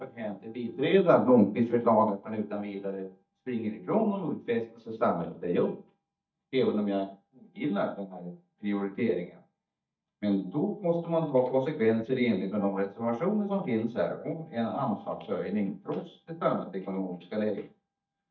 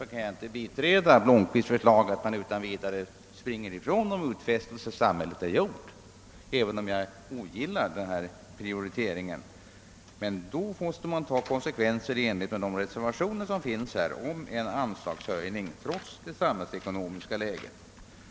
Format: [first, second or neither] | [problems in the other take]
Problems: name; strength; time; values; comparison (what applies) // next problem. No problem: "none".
second | noise reduction (neural mask model DeepFilterNet 3)